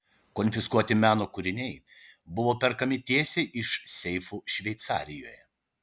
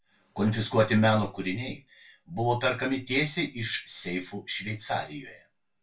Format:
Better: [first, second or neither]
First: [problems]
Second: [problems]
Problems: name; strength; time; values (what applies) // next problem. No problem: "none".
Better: first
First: none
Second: room echo; dies away in 0.2 s